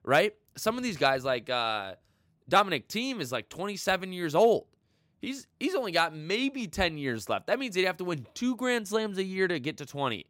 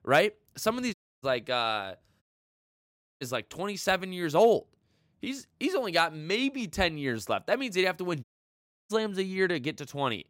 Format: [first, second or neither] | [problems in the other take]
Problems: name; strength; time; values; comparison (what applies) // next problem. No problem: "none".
first | audio cutting out; at 1 s, at 2 s for 1 s and at 8 s for 0.5 s